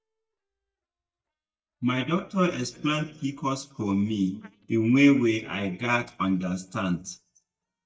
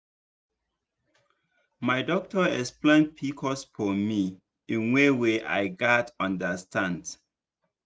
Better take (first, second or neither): second